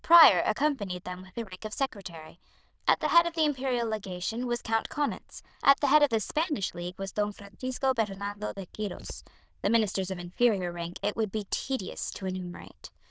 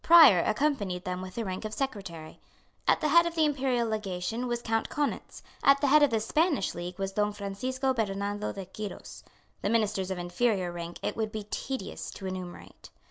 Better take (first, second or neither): second